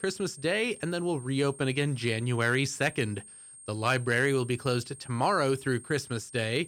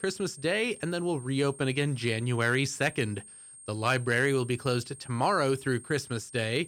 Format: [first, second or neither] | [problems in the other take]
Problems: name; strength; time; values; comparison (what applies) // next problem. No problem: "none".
neither | high-pitched whine; noticeable; throughout; 8.5 kHz, 20 dB below the speech; the same in both